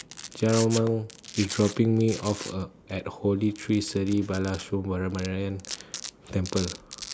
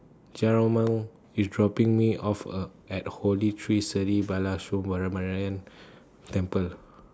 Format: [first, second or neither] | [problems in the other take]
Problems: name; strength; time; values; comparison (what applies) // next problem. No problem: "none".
second | background sound (Domestic sounds, home sounds); 14 dB below the speech